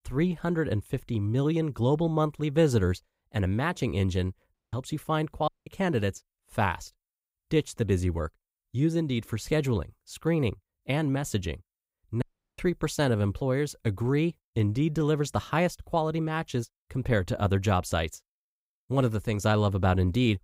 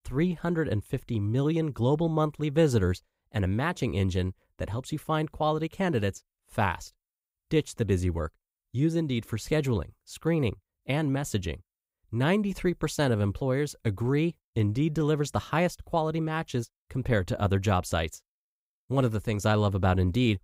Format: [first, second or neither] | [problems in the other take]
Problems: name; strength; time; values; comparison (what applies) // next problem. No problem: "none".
second | audio cutting out; at 4.5 s, at 5.5 s and at 12 s